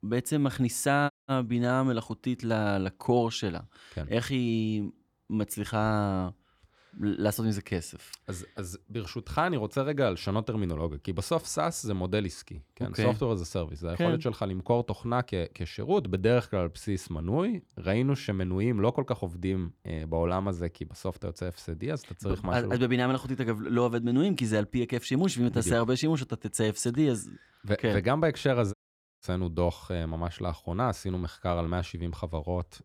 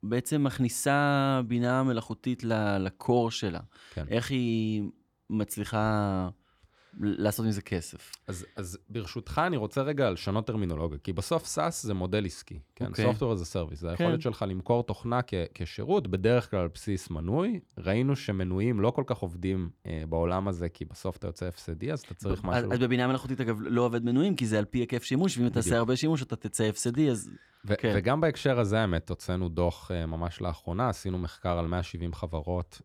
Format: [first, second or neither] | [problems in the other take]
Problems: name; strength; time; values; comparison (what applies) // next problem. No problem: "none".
second | audio cutting out; at 1 s and at 29 s